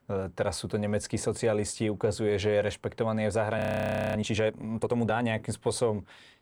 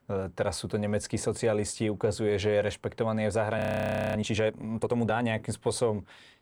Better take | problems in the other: neither | audio freezing; at 3.5 s for 0.5 s; the same in both

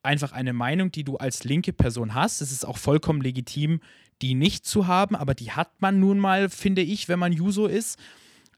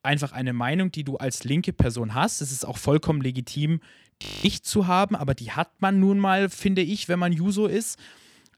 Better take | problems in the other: first | audio freezing; at 4 s

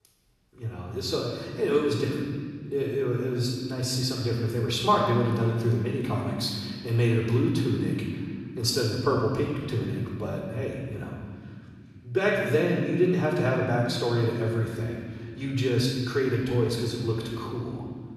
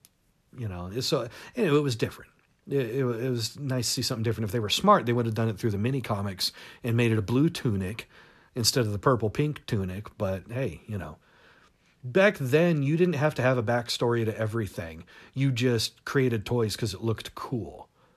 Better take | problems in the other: second | off-mic speech; far // room echo; noticeable; dies away in 2 s

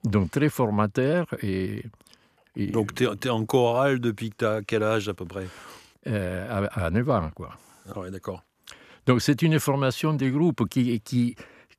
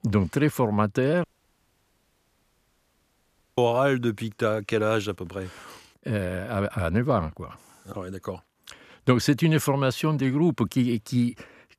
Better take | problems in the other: first | audio cutting out; at 1 s for 2.5 s

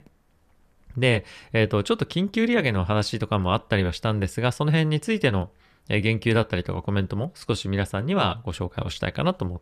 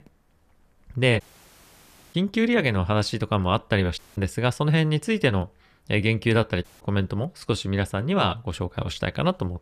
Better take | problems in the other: first | audio cutting out; at 1 s for 1 s, at 4 s and at 6.5 s

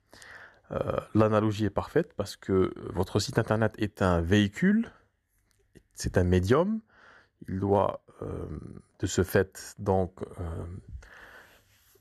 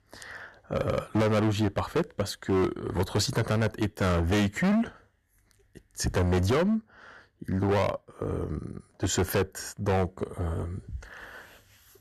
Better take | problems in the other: first | distortion; heavy; 12% of the sound clipped

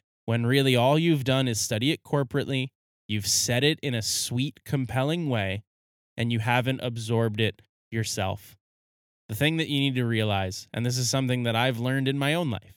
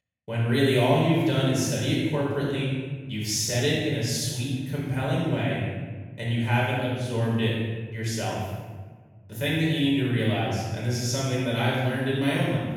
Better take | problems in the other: first | room echo; strong; dies away in 1.3 s // off-mic speech; far

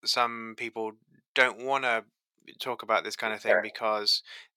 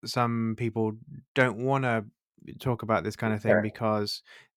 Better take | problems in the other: second | thin; very; fading below 550 Hz

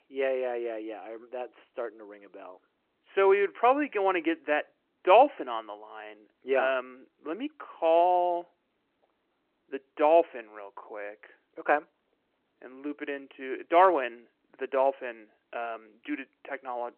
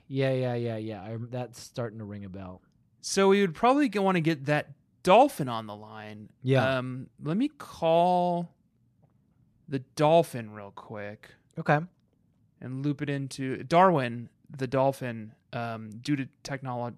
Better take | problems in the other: second | phone-call audio

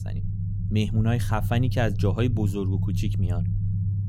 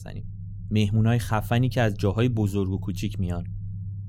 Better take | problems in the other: second | low rumble; loud; throughout; 10 dB below the speech; faint in the second

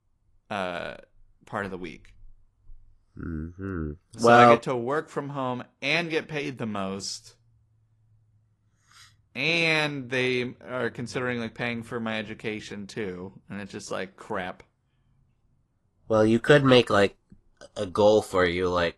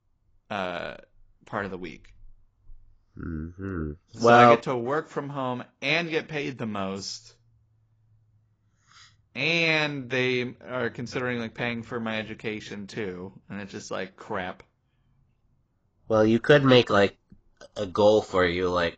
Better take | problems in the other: first | garbled, watery; badly; nothing above 7.5 kHz; slightly in the first

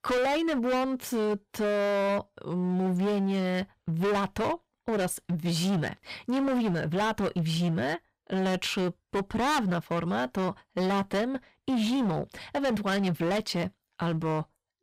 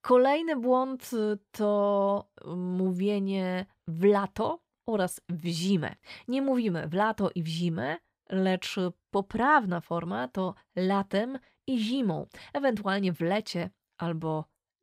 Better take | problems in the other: second | distortion; heavy; 23% of the sound clipped

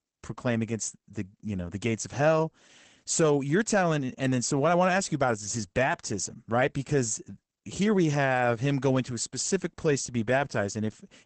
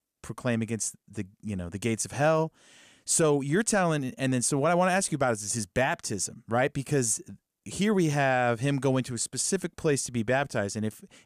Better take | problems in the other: second | garbled, watery; badly; nothing above 8 kHz

